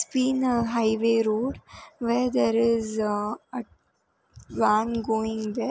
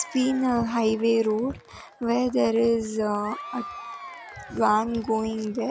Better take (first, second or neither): first